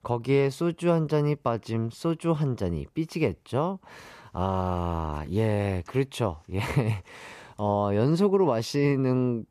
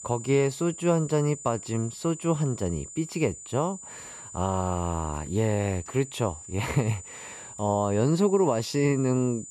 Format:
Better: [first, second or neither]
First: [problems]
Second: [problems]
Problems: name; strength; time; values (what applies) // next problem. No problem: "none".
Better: first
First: none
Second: high-pitched whine; noticeable; throughout; 7 kHz, 15 dB below the speech